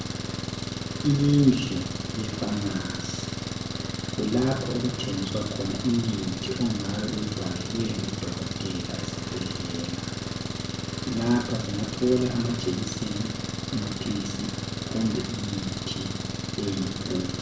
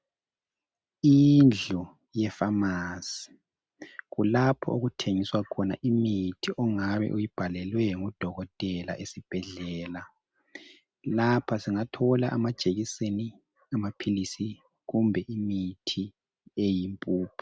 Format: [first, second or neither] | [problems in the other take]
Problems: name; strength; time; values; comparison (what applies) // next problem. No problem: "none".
second | background sound (Engine); 3 dB below the speech // room echo; dies away in 0.7 s